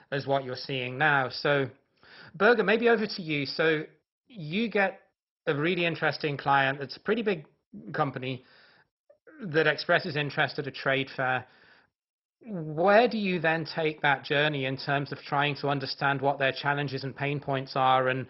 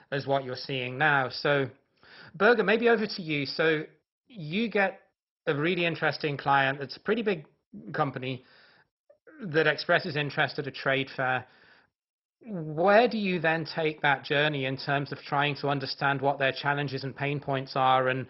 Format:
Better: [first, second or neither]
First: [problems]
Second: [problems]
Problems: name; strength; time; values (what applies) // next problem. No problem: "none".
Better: neither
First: garbled, watery; badly; nothing above 5.5 kHz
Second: garbled, watery; badly; nothing above 5.5 kHz